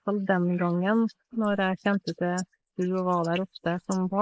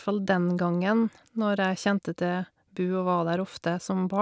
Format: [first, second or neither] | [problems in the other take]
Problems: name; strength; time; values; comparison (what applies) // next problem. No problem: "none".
second | noise reduction (neural mask model Resemble Enhance denoiser)